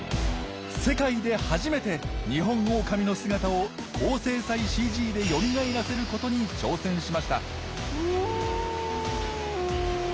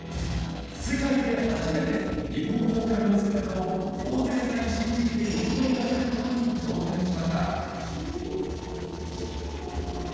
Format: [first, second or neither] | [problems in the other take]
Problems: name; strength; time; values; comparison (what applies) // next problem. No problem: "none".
first | noise reduction (neural separator model SepFormer DNS4)